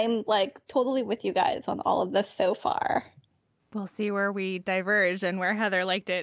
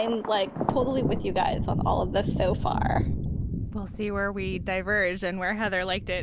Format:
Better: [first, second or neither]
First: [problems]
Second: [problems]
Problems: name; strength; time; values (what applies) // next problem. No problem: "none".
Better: first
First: none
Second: background sound (Thunder); 2 dB below the speech